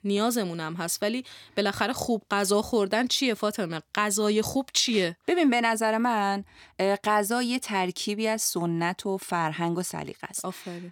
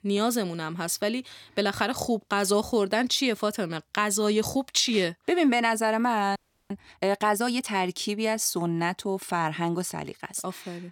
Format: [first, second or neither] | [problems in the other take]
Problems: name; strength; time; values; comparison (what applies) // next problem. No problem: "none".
first | audio freezing; at 6.5 s